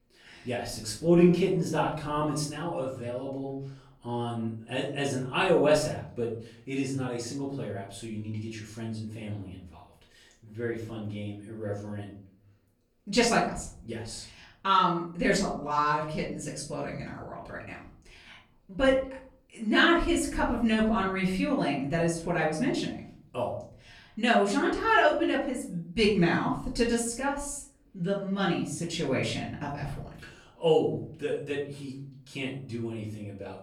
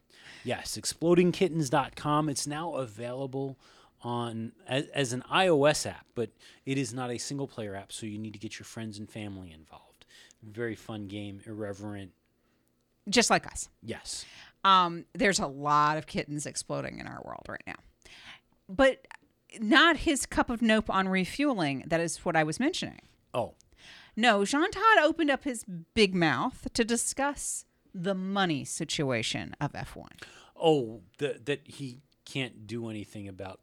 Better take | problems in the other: second | off-mic speech; far // room echo; noticeable; dies away in 0.6 s

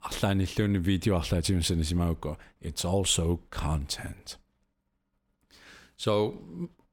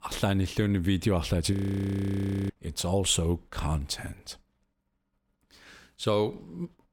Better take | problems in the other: first | audio freezing; at 1.5 s for 1 s

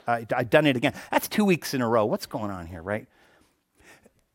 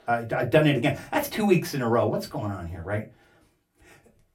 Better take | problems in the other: first | off-mic speech; far // room echo; very slight; dies away in 0.2 s

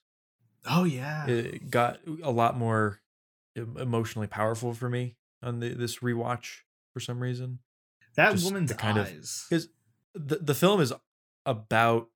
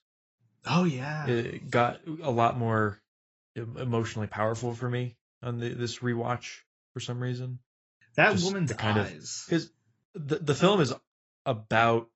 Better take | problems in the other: first | garbled, watery; badly; nothing above 8 kHz

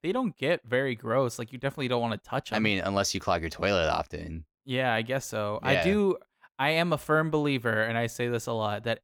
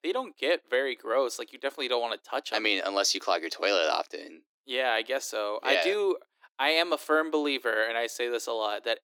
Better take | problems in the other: first | thin; somewhat; fading below 300 Hz

